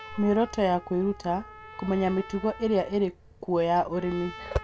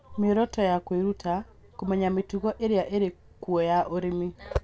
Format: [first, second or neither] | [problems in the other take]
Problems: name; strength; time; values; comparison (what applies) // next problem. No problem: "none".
second | background sound (Trumpet); 18 dB below the speech